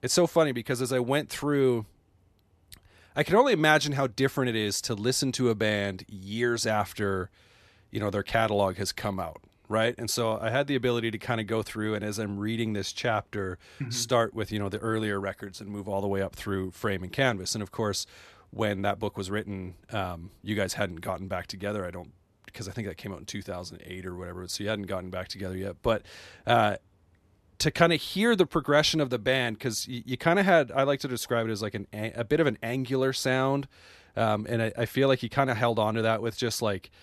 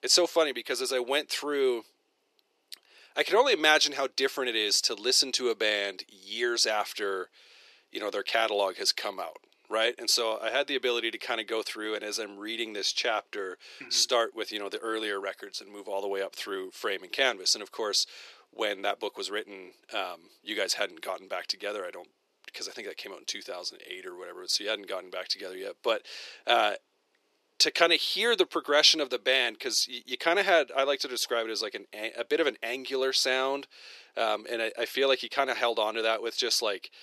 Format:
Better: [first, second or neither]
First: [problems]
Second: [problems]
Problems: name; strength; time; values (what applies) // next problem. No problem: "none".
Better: first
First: none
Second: thin; somewhat; fading below 350 Hz